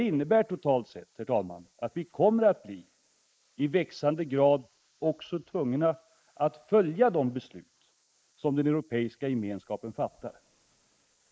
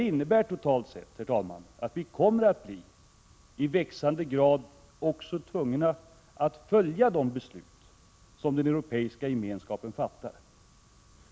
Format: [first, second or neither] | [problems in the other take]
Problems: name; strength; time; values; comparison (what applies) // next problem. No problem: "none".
second | noise reduction (neural mask model Resemble Enhance denoiser)